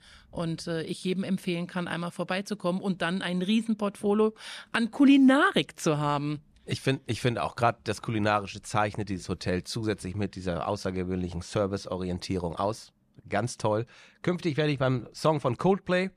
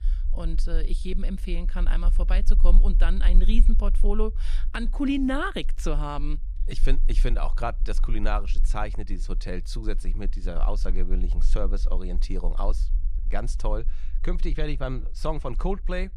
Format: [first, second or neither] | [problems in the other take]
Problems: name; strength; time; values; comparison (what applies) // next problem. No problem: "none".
first | low rumble; faint; throughout; 20 dB below the speech